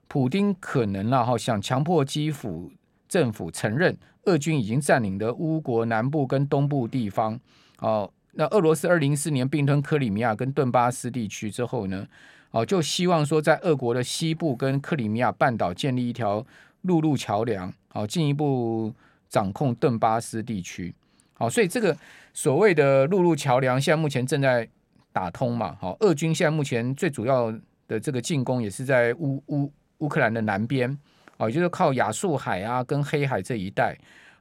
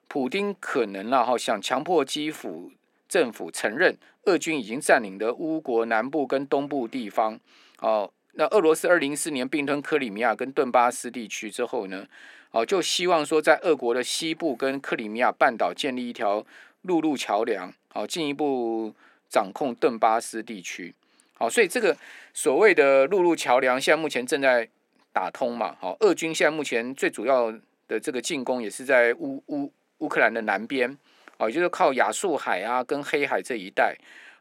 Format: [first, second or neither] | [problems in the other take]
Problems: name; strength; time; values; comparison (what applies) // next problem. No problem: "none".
first | thin; somewhat; fading below 300 Hz